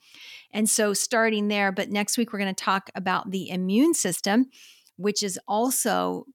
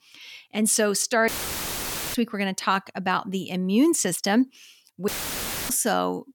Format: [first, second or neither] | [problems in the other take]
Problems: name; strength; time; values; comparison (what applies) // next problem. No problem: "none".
first | audio cutting out; filled with static; at 1.5 s for 1 s and at 5 s for 0.5 s